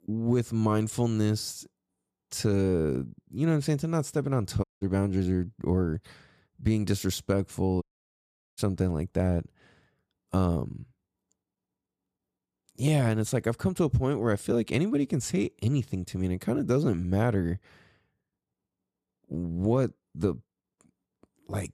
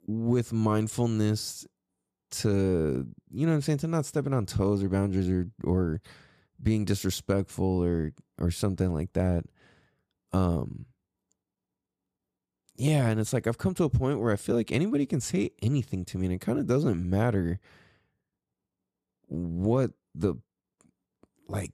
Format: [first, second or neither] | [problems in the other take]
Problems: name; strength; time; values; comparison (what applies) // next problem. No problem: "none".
second | audio cutting out; at 4.5 s and at 8 s for 1 s